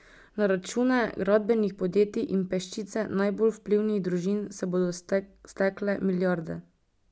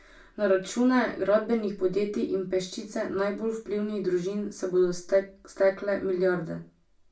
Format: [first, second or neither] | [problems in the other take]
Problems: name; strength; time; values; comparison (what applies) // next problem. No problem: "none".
first | room echo; dies away in 0.3 s